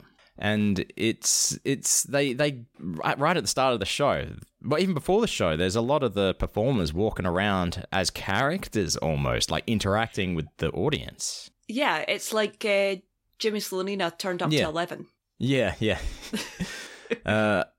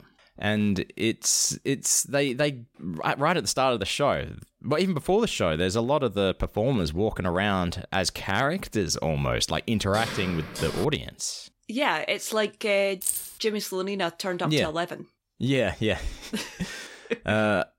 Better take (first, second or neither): first